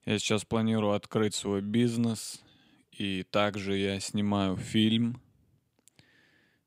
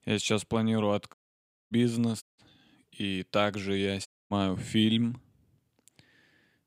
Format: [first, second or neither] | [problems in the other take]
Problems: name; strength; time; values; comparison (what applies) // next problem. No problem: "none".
first | audio cutting out; at 1 s for 0.5 s, at 2 s and at 4 s